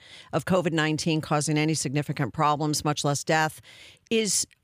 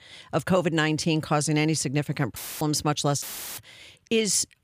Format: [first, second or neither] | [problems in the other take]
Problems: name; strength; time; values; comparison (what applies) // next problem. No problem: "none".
first | audio cutting out; filled with static; at 2.5 s and at 3 s